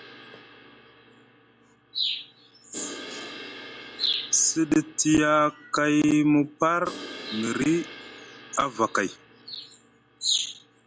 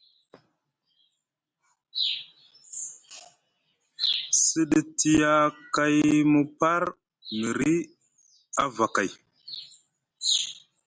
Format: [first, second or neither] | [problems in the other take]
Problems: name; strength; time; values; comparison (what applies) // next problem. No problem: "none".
second | background sound (Crash cymbal); 17 dB below the speech